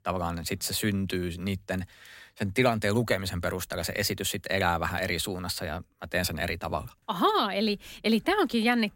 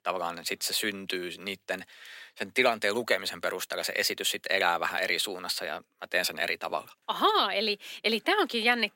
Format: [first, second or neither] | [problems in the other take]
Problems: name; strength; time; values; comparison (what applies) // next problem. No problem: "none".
first | thin; somewhat; fading below 400 Hz